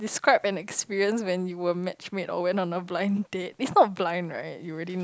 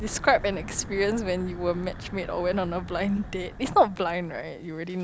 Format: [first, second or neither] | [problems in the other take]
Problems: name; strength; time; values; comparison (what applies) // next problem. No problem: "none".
first | background sound (Wind / Breathing); 13 dB below the speech